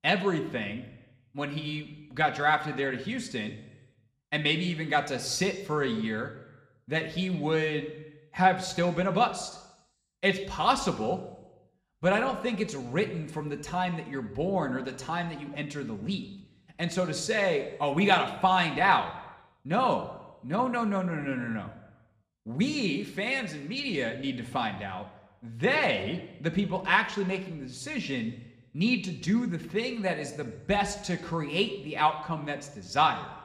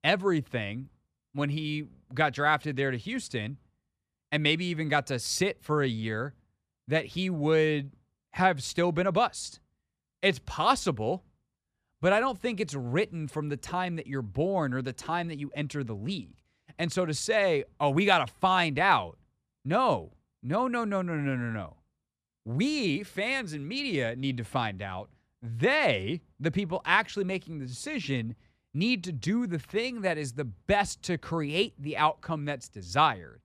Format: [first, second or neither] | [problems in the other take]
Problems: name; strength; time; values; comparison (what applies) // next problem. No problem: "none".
second | room echo; very slight; dies away in 0.8 s